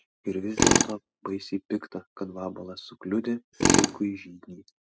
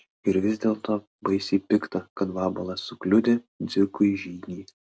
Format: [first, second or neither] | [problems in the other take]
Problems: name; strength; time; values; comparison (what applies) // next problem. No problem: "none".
second | noise reduction (classical method spectral subtraction)